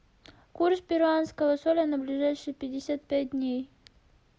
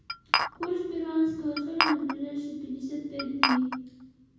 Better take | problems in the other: first | background sound (Glass); as loud as the speech // room echo; dies away in 1.1 s

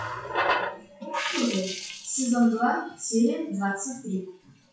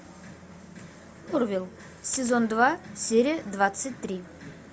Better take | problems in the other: second | noise reduction (classical method WPE with log-MMSE)

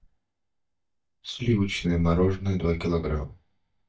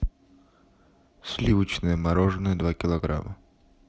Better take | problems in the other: second | noise reduction (neural mask model DeepFilterNet 3)

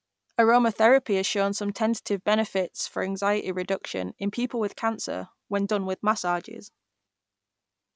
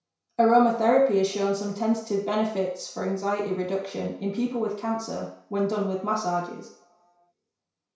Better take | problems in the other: first | room echo; dies away in 0.5 s

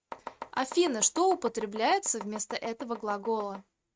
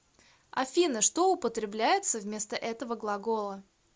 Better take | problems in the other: second | noise reduction (neural mask model RNNoise)

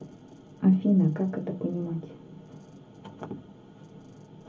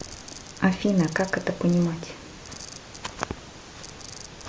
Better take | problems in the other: second | room echo; dies away in 0.3 s

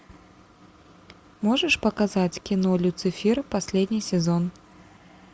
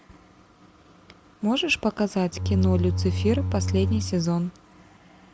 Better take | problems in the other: first | background sound (Bowed string instrument); 1 dB above the speech

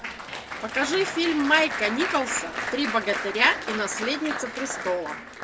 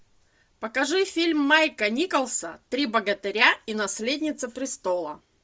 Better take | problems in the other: second | background sound (Applause); 6 dB below the speech

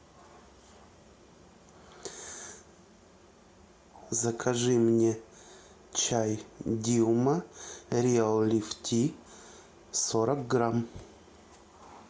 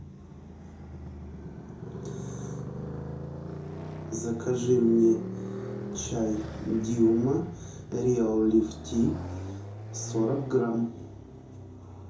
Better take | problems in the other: first | background sound (Motorcycle); 9 dB below the speech // room echo; dies away in 0.5 s

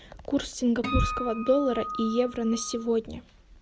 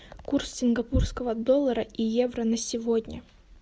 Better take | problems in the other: second | background sound (Acoustic guitar); 8 dB below the speech

